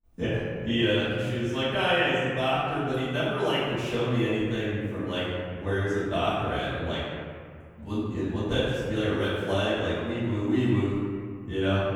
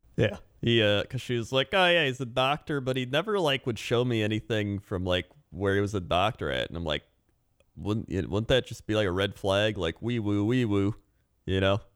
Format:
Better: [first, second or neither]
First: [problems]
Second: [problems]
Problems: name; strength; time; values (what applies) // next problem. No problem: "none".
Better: second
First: room echo; strong; dies away in 1.9 s // off-mic speech; far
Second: none